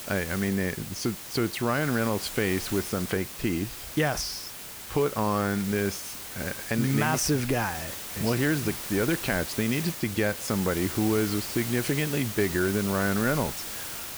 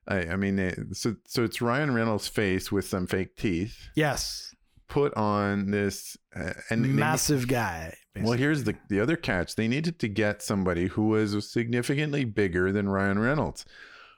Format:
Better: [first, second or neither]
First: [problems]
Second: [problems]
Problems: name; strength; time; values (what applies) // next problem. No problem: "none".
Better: second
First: hiss; loud; throughout; 7 dB below the speech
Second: none